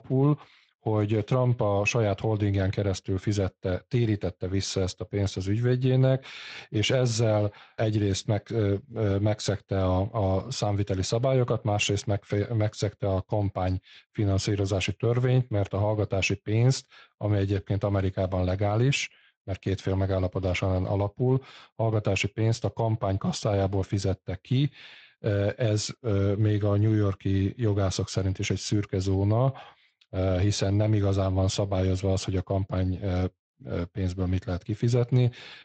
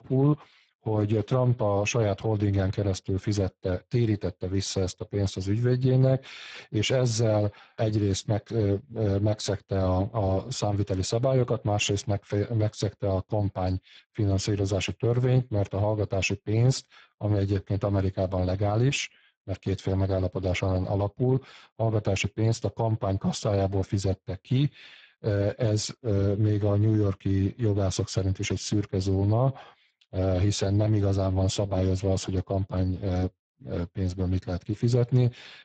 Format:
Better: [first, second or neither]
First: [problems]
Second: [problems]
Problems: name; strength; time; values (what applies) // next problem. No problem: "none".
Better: first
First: garbled, watery; slightly; nothing above 7.5 kHz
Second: garbled, watery; badly; nothing above 7.5 kHz